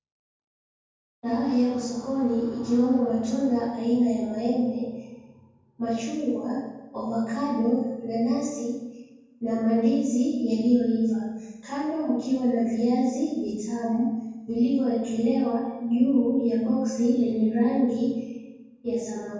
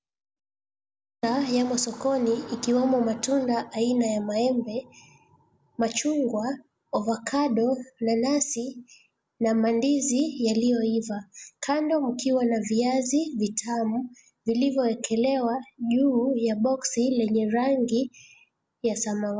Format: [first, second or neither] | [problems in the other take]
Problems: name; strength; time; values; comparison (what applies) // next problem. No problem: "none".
second | room echo; dies away in 1.3 s